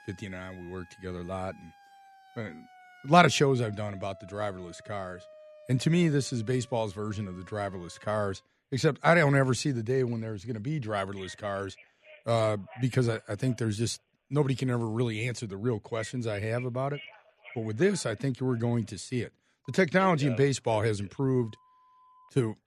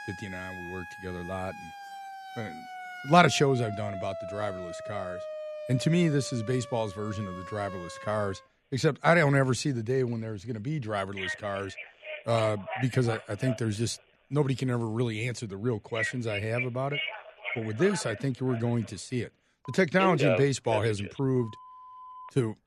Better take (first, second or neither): first